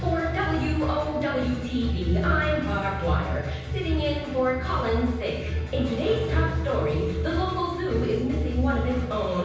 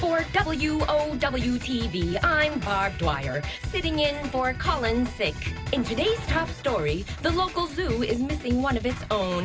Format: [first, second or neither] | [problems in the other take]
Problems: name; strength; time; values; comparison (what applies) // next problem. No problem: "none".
second | room echo; dies away in 1.1 s